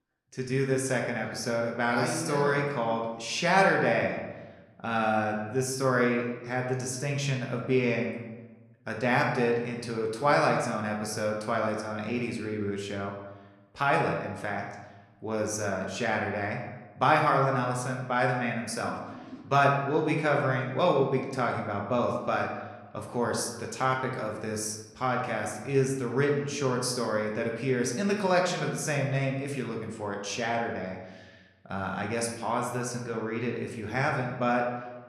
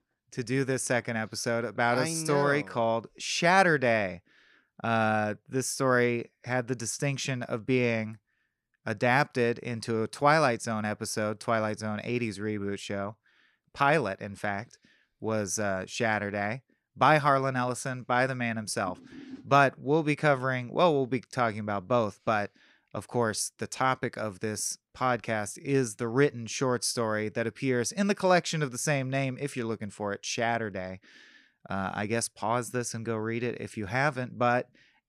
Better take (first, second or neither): second